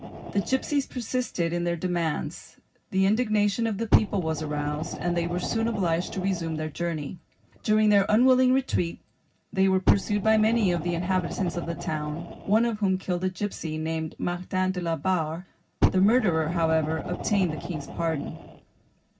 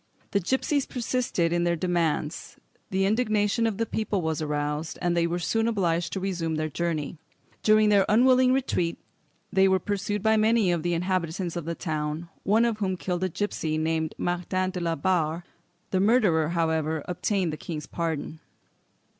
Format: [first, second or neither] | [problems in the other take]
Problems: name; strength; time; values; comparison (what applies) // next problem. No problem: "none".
second | background sound (Fire); 8 dB below the speech // room echo; dies away in 0.4 s